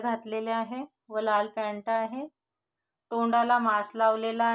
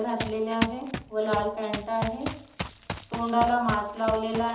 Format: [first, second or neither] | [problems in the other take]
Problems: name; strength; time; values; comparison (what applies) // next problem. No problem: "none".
first | background sound (Run); 7 dB below the speech // room echo; dies away in 1.2 s